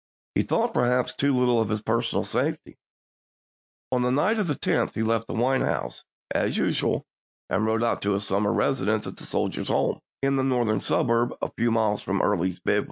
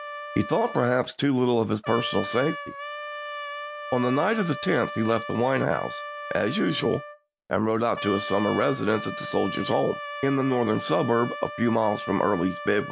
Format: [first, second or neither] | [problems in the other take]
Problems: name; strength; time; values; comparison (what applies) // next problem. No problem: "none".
first | background sound (Trumpet); 10 dB below the speech